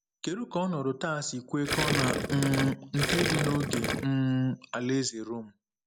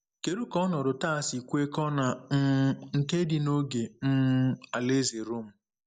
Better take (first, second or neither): second